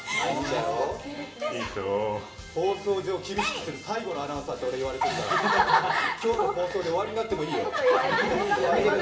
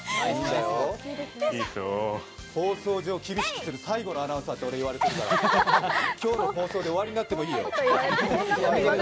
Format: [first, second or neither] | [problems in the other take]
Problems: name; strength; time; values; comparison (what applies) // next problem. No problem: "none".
second | room echo; dies away in 0.7 s